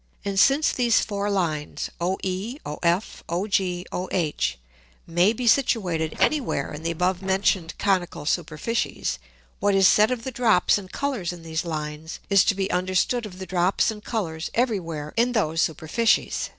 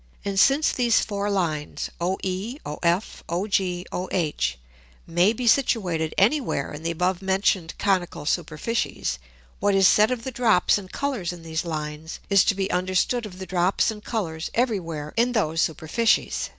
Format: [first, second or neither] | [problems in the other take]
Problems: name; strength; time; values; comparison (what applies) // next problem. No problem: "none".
second | noise reduction (neural separator model SepFormer DNS4)